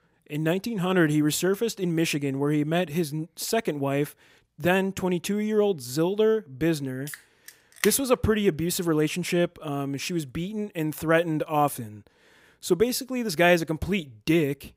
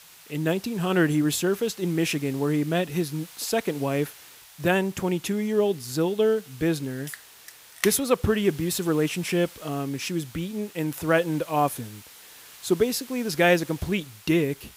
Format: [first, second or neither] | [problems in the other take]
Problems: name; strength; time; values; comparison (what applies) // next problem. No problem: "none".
first | hiss; noticeable; throughout; 20 dB below the speech